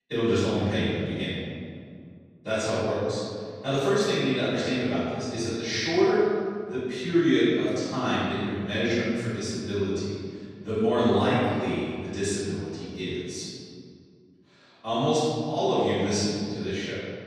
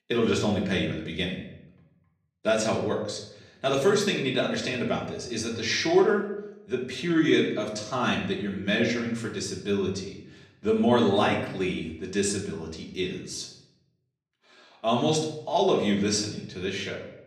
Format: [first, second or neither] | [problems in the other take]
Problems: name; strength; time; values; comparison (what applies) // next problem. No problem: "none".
second | room echo; strong; dies away in 2.1 s; slight in the second // off-mic speech; far; far in the second